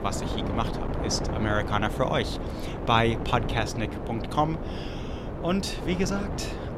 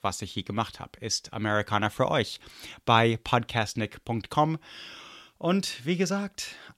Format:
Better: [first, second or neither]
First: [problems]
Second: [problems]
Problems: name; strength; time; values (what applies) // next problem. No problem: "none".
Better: second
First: wind noise on the microphone; heavy; 7 dB below the speech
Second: none